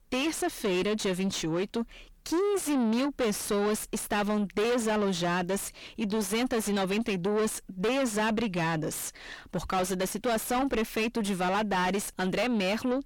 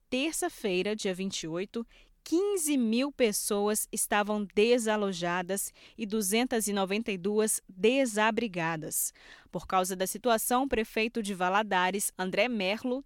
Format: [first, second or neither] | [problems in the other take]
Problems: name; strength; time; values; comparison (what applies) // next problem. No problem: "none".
second | distortion; heavy; 5 dB below the speech